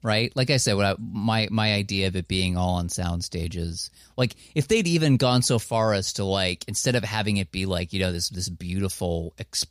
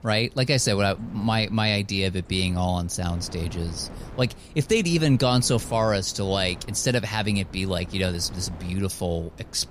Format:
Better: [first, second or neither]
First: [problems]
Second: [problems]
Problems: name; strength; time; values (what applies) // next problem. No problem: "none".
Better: first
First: none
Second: wind noise on the microphone; occasional gusts; 20 dB below the speech